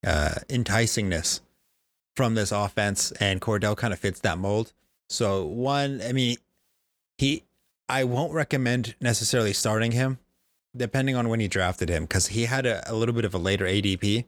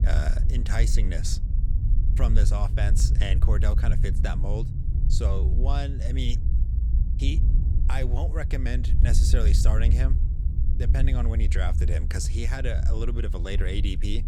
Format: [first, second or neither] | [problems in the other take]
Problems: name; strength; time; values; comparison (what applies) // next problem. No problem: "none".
first | low rumble; loud; throughout; 7 dB below the speech